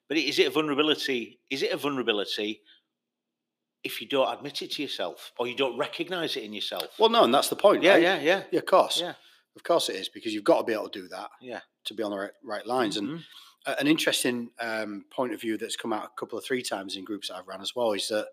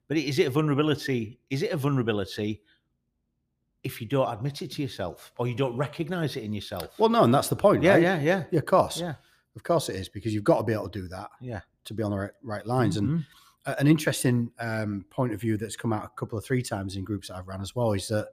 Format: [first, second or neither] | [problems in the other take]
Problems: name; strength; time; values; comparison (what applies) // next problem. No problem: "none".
second | thin; somewhat; fading below 300 Hz